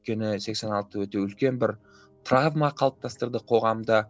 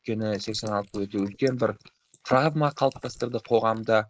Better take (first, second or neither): first